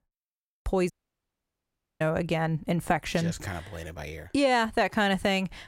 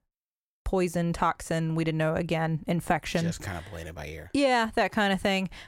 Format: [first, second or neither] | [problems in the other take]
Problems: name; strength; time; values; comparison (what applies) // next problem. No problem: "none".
second | audio cutting out; at 1 s for 1 s